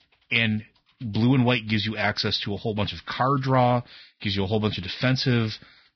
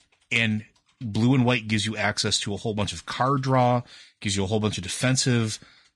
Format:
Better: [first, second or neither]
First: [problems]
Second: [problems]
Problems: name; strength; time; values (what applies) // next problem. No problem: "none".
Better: second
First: garbled, watery; badly; nothing above 5.5 kHz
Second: garbled, watery; slightly; nothing above 10 kHz